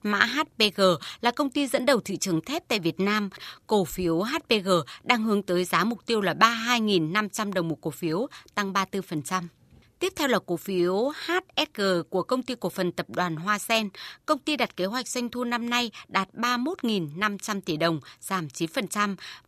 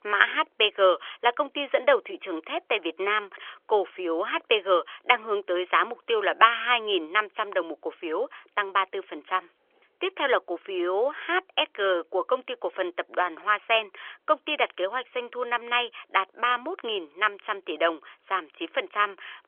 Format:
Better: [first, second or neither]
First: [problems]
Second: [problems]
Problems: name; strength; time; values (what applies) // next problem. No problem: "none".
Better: first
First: none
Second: phone-call audio; nothing above 3.5 kHz